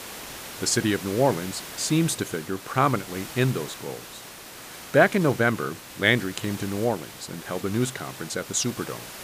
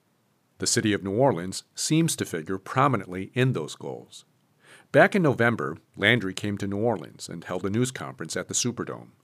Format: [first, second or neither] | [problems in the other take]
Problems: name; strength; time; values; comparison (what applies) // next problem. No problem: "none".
second | hiss; noticeable; throughout; 15 dB below the speech